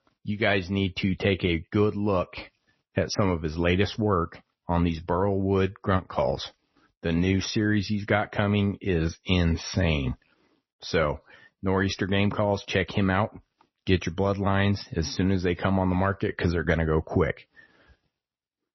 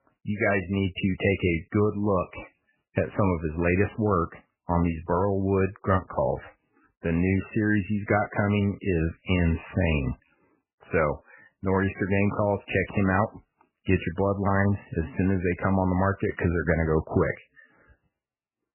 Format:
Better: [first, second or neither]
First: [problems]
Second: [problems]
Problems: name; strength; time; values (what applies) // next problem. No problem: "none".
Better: first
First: garbled, watery; slightly; nothing above 6 kHz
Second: garbled, watery; badly; nothing above 3 kHz